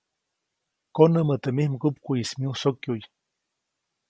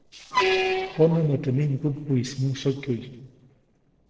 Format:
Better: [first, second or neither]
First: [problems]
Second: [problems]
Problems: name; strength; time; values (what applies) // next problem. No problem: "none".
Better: first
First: none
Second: noise reduction (neural separator model SepFormer DNS4)